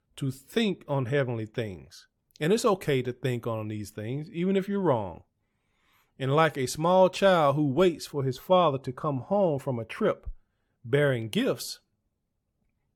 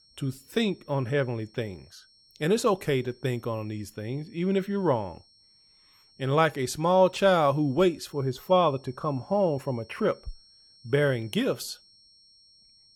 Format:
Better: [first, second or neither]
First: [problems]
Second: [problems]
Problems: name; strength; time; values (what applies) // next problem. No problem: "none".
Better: first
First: none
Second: high-pitched whine; faint; throughout; 5.5 kHz, 30 dB below the speech